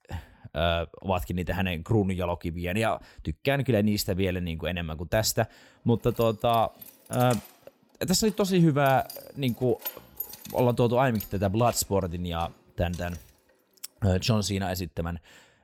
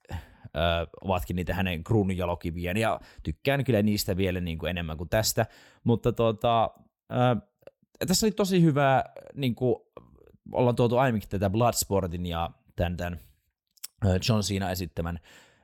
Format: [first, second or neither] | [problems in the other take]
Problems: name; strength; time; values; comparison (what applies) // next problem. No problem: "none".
second | jangling keys; noticeable; from 6 to 13 s; peak 8 dB below the speech